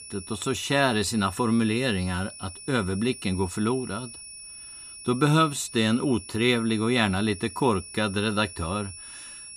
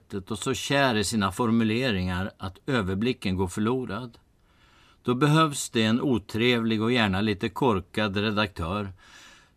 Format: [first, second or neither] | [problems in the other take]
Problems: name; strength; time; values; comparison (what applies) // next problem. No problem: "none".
second | high-pitched whine; noticeable; throughout; 10 kHz, 15 dB below the speech